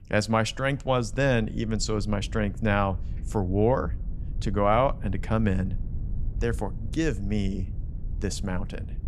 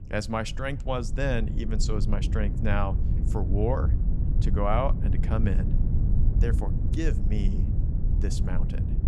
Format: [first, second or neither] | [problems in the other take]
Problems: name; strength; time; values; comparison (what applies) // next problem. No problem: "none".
first | low rumble; loud; throughout; 9 dB below the speech; faint in the first